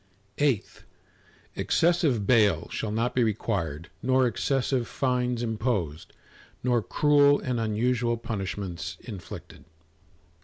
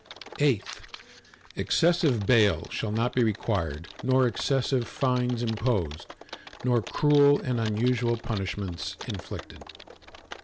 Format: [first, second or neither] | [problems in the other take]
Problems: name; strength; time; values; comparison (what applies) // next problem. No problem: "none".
first | background sound (Typing); 17 dB below the speech